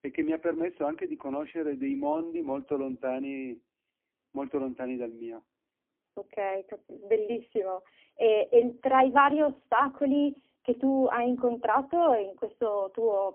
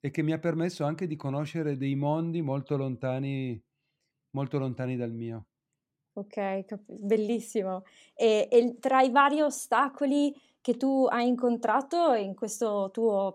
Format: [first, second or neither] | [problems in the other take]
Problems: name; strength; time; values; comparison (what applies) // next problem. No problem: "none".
second | phone-call audio; poor line; nothing above 3 kHz